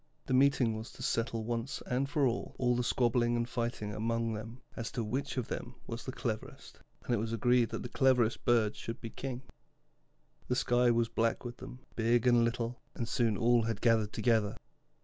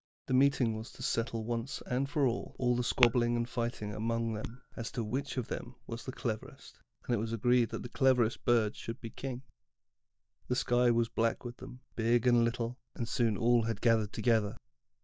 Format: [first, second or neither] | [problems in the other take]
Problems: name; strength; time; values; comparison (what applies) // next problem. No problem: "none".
first | noise reduction (neural mask model DeepFilterNet 3)